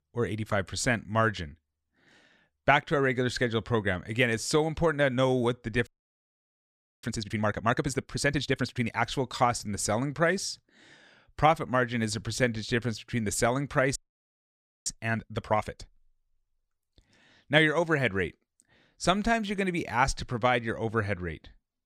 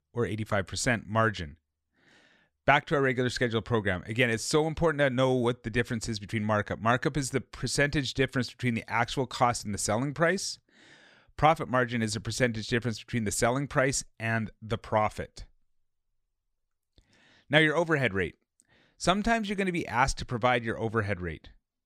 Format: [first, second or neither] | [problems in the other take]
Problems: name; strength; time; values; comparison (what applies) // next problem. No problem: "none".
second | audio freezing; at 6 s for 1 s and at 14 s for 1 s